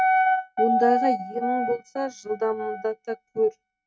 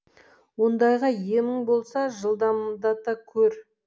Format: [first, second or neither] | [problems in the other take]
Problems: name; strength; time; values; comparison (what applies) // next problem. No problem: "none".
second | noise reduction (neural mask model RNNoise)